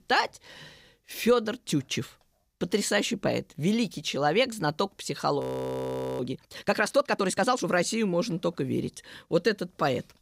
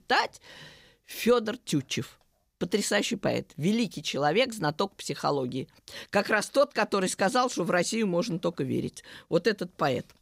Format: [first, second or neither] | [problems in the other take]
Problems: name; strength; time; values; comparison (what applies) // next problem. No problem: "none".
second | audio freezing; at 5.5 s for 1 s